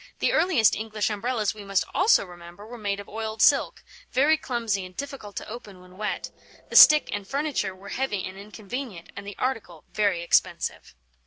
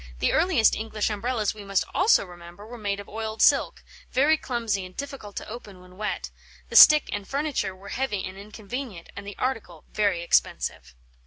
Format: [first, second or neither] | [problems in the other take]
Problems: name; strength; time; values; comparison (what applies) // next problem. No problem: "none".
second | noise reduction (neural separator model SepFormer DNS4)